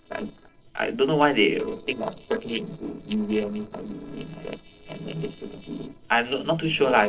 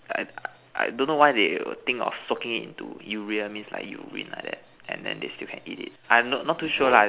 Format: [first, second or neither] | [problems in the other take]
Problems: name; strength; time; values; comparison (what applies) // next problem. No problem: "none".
second | noise reduction (neural separator model SepFormer DNS4)